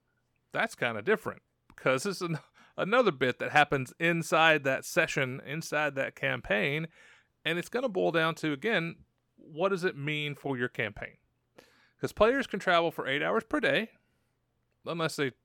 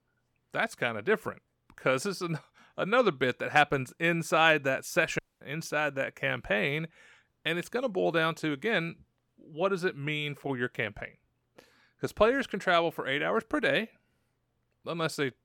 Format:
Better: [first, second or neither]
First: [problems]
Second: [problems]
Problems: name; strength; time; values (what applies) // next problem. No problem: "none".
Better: first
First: none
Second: audio cutting out; at 5 s